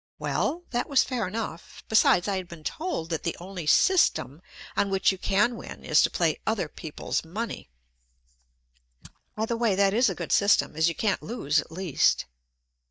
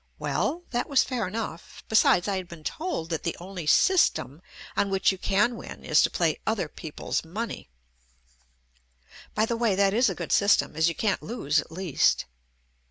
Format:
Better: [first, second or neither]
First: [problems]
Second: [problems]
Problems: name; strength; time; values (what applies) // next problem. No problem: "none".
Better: second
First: noise reduction (neural mask model DeepFilterNet 3)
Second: none